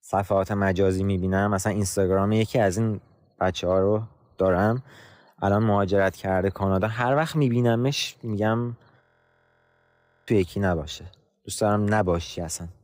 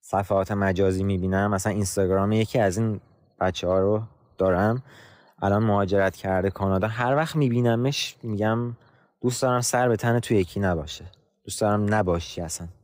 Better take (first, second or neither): second